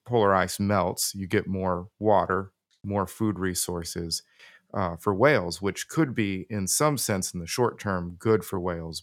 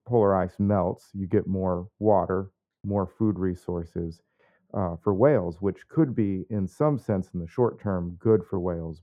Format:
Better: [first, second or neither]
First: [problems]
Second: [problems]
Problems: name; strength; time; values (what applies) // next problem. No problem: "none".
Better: first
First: none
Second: muffled; very; fading above 2 kHz